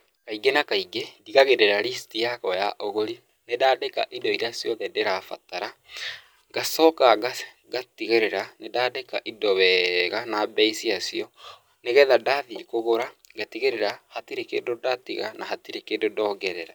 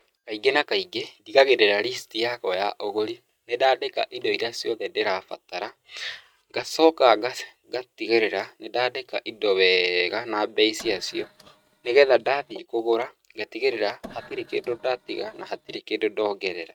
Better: first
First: none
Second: noise reduction (neural mask model RNNoise)

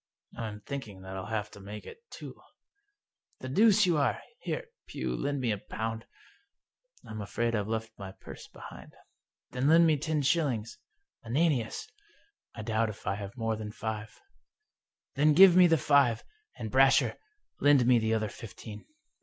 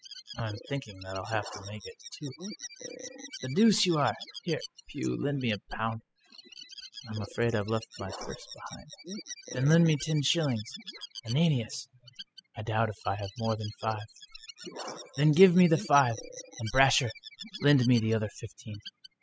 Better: first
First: none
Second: noise reduction (classical method spectral subtraction)

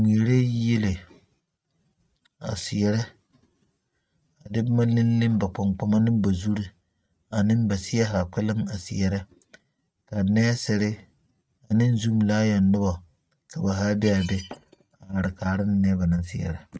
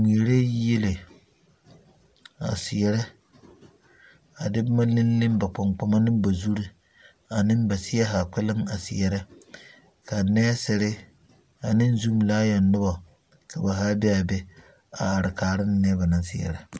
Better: second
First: noise reduction (neural mask model RNNoise)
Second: none

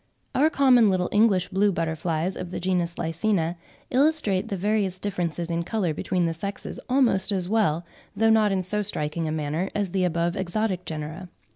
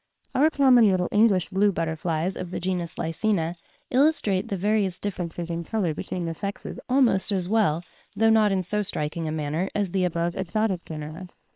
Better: first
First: none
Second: noise reduction (neural separator model SepFormer WHAM!)

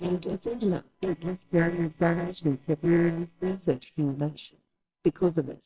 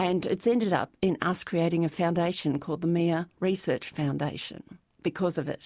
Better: second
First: noise reduction (neural separator model SepFormer WHAMR!)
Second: none

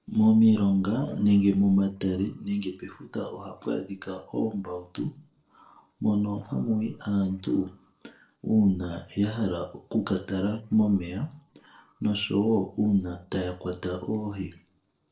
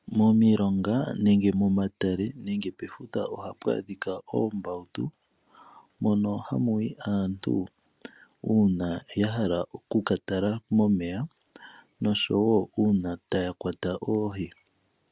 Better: second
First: noise reduction (neural separator model SepFormer DNS4)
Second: none

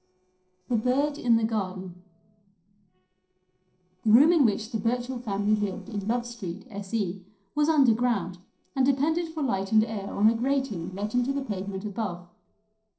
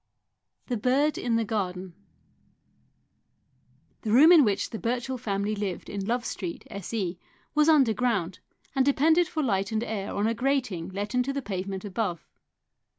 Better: second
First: noise reduction (neural separator model SepFormer DNS4)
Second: none

